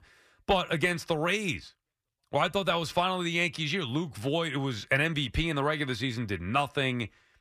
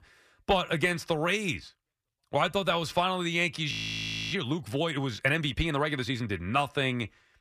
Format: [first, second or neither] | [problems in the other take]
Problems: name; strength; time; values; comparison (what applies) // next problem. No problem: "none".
first | audio freezing; at 3.5 s for 0.5 s